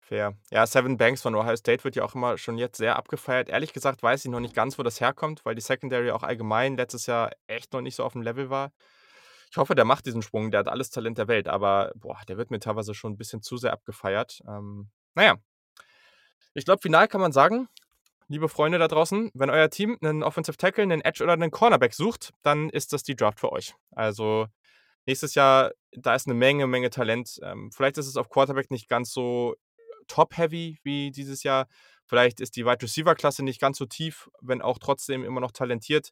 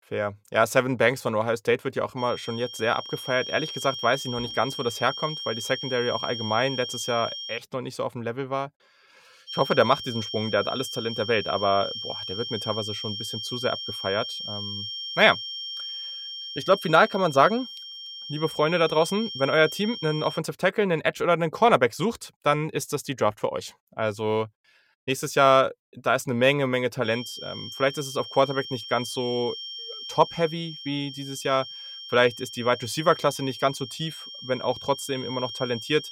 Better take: first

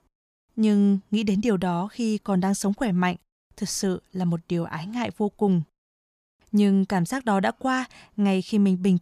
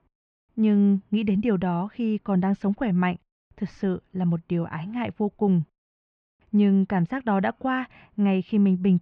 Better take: first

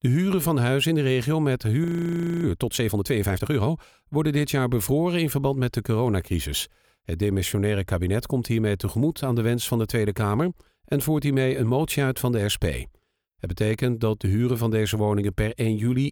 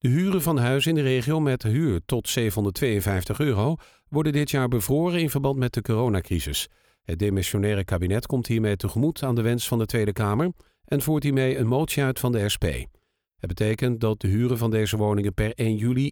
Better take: second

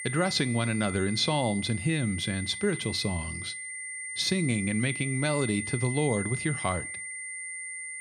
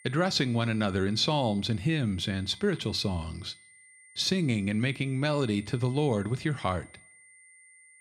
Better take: second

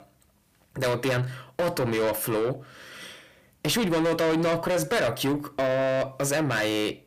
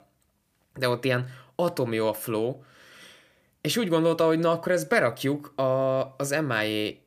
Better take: second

